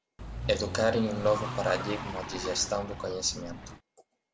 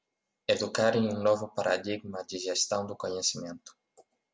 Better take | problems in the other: second | background sound (Car); 7 dB below the speech

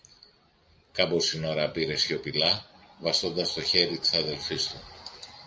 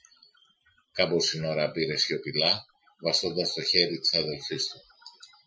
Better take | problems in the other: first | noise reduction (classical method Wiener filter)

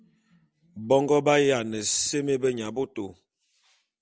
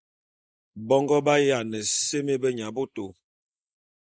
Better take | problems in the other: first | noise reduction (neural mask model Resemble Enhance denoiser)

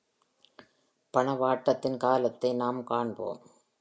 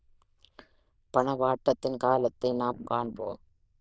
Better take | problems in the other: first | noise reduction (neural diffusion model UNIVERSE++)

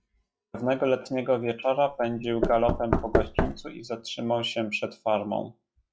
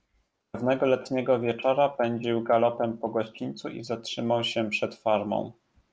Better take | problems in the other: second | noise reduction (classical method log-MMSE)

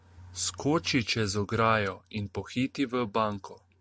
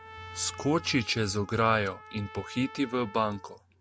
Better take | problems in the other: first | background sound (Trumpet); 18 dB below the speech

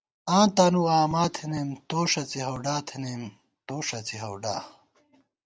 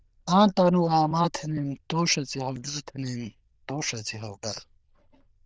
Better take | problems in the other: first | noise reduction (neural diffusion model UNIVERSE++)

